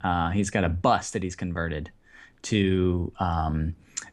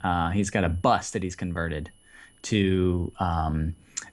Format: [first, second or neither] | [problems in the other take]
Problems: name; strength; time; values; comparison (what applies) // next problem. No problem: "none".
first | high-pitched whine; faint; throughout; 3 kHz, 35 dB below the speech